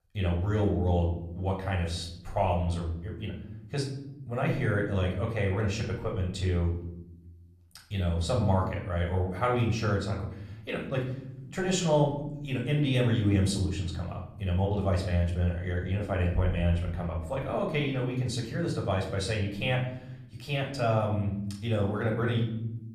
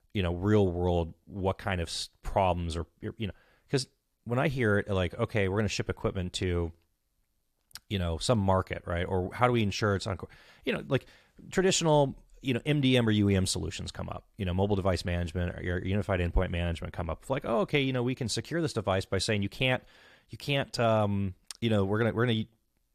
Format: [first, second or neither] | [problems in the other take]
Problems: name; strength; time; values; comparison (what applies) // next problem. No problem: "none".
second | off-mic speech; somewhat distant // room echo; slight; dies away in 1 s